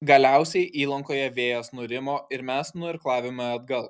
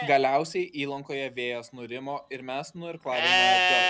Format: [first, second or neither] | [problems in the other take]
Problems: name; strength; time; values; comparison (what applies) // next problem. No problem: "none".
first | background sound (Livestock, farm animals, working animals); 1 dB above the speech